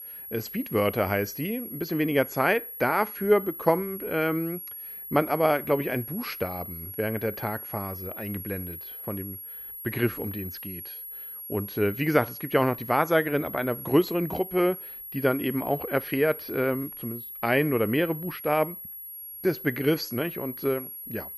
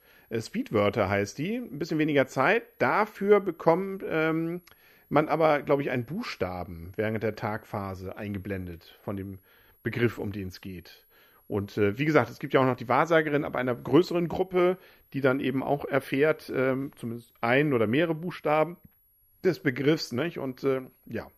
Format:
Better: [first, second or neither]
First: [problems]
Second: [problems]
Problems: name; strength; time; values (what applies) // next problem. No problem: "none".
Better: second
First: high-pitched whine; loud; throughout; 11.5 kHz, 10 dB below the speech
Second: high-pitched whine; faint; throughout; 11.5 kHz, 35 dB below the speech